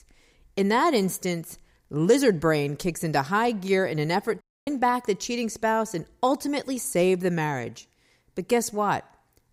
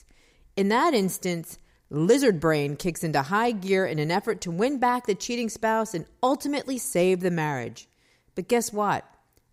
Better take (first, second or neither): second